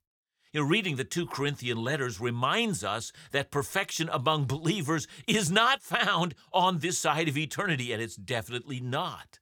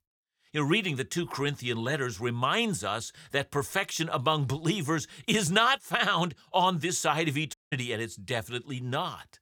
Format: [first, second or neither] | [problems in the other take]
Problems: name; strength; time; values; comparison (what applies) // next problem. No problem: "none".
first | audio cutting out; at 7.5 s